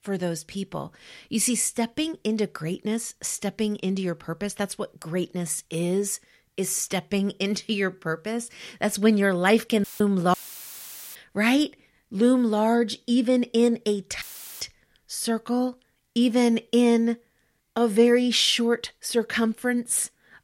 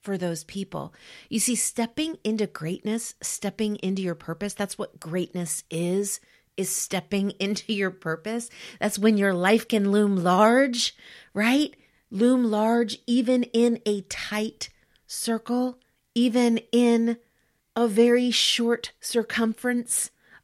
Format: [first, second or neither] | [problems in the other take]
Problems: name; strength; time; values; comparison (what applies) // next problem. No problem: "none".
second | audio cutting out; filled with static; at 10 s for 1 s and at 14 s